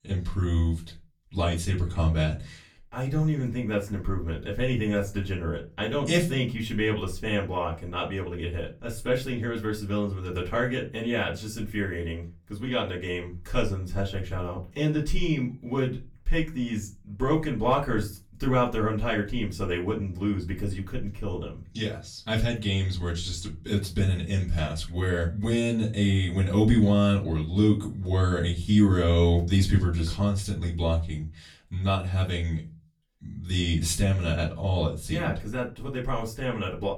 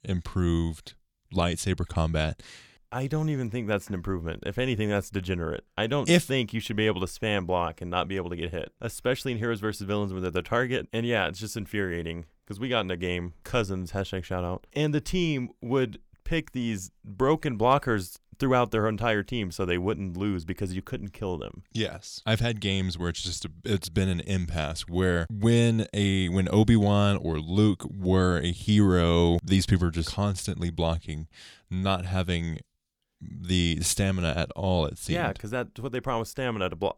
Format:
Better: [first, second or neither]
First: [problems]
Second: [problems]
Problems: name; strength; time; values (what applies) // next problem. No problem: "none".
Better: second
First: off-mic speech; far // room echo; very slight; dies away in 0.3 s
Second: none